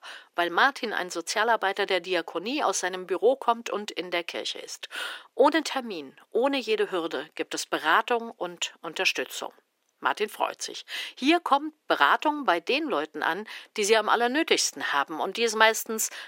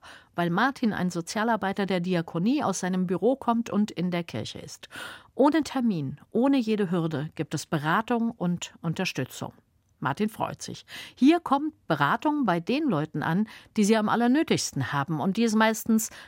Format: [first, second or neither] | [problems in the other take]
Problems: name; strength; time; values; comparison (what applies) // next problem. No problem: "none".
second | thin; very; fading below 400 Hz